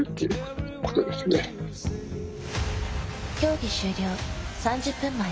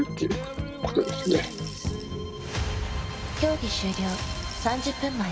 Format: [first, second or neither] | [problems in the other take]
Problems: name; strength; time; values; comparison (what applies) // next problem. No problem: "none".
first | background sound (Bowed string instrument + Coin (dropping) / Glass); 14 dB below the speech